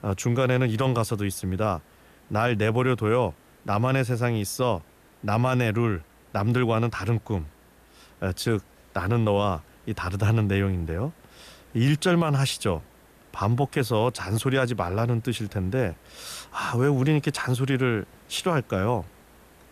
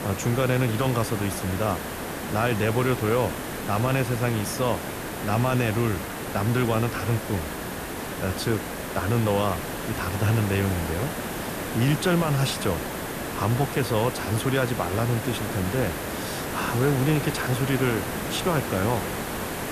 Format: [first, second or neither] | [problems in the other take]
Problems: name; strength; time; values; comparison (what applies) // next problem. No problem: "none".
first | hiss; loud; throughout; 5 dB below the speech; faint in the first